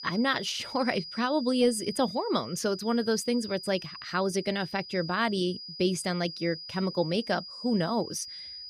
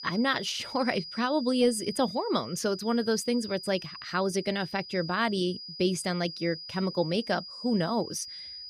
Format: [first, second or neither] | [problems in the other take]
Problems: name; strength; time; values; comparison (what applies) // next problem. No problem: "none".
neither | high-pitched whine; noticeable; throughout; 5 kHz, 10 dB below the speech; the same in both